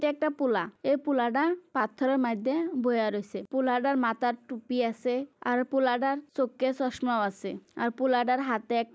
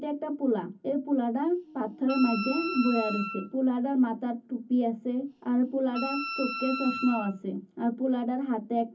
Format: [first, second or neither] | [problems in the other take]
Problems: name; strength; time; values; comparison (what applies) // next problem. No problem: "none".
first | background sound (Wind instrument, woodwind instrument); 8 dB below the speech // room echo; dies away in 0.3 s